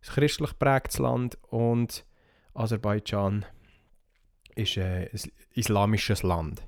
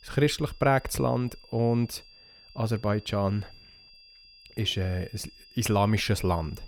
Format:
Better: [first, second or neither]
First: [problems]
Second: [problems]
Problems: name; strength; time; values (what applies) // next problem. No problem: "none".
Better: first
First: none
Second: high-pitched whine; faint; throughout; 4.5 kHz, 25 dB below the speech